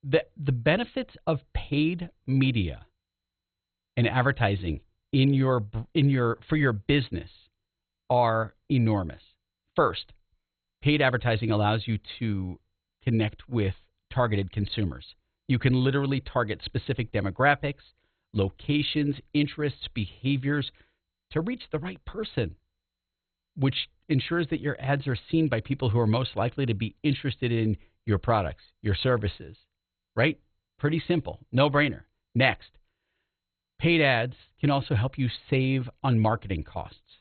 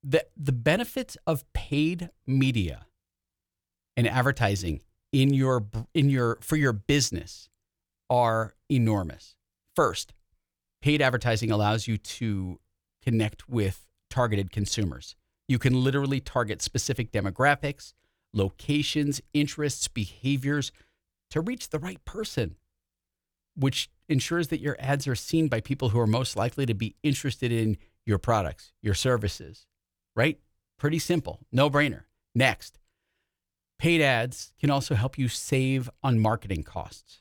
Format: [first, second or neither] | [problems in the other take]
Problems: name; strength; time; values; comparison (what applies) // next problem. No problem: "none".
second | garbled, watery; badly; nothing above 4 kHz